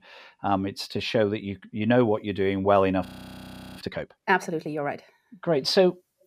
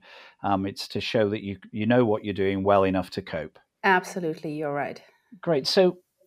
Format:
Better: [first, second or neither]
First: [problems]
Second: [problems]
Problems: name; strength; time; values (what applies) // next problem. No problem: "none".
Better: second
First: audio freezing; at 3 s for 0.5 s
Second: none